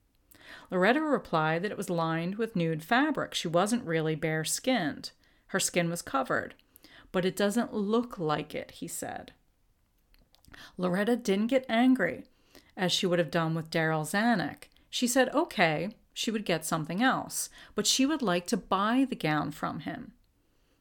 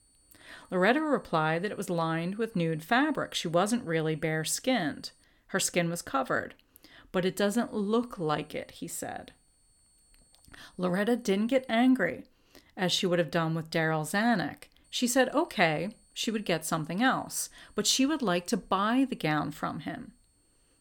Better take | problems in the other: first | high-pitched whine; faint; until 5 s, from 7.5 to 12 s and from 15 s on; 9 kHz, 35 dB below the speech

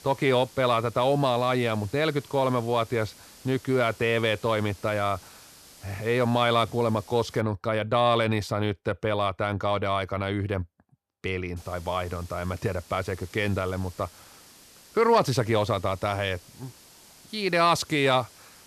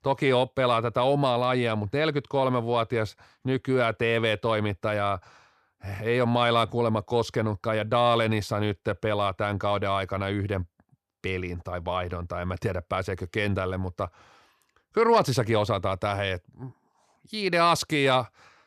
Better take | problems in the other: second | hiss; faint; until 7.5 s and from 12 s on; 25 dB below the speech

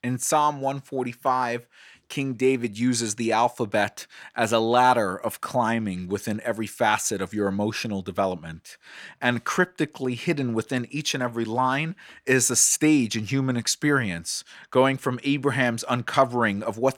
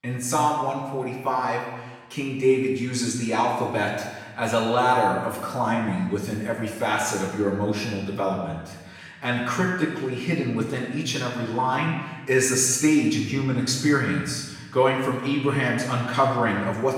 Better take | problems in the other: first | off-mic speech; far // room echo; noticeable; dies away in 1.1 s

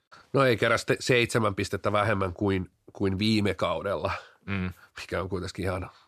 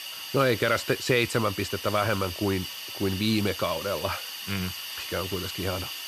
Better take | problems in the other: first | hiss; loud; throughout; 7 dB below the speech

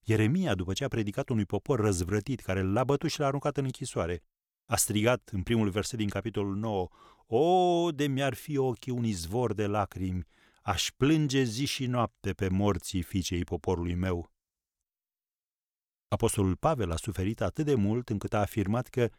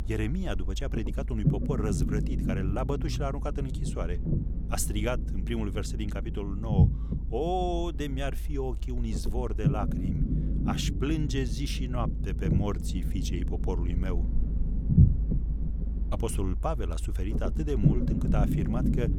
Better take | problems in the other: first | low rumble; loud; throughout; 5 dB below the speech

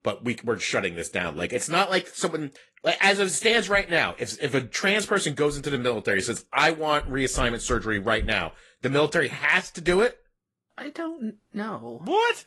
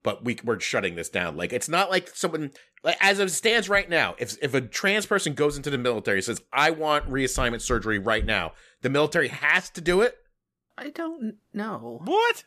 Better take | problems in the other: second | garbled, watery; slightly

